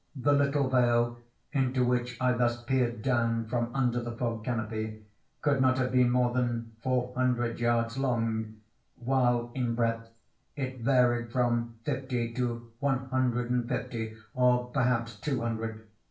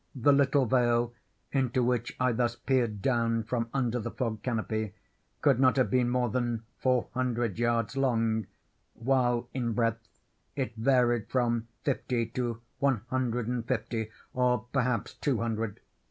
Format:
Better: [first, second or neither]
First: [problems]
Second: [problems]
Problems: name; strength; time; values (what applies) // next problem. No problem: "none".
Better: second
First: room echo; dies away in 0.4 s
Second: none